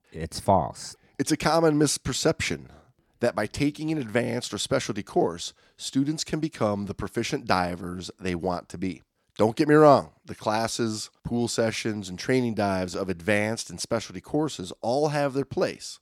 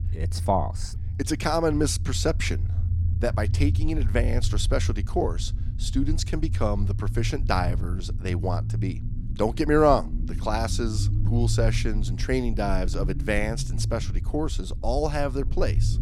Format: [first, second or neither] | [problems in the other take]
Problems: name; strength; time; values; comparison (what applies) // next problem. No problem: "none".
first | low rumble; noticeable; throughout; 15 dB below the speech